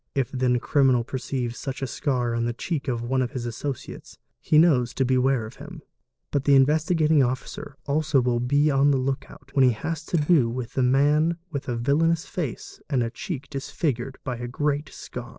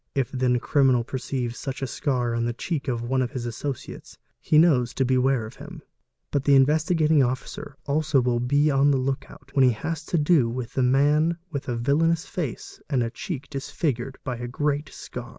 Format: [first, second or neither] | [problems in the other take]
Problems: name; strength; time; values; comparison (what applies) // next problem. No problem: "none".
second | noise reduction (neural separator model SepFormer DNS4)